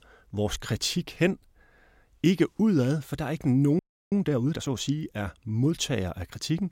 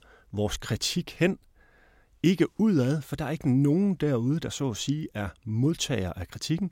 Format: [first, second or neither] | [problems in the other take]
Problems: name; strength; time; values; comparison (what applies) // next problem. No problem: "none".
second | audio freezing; at 4 s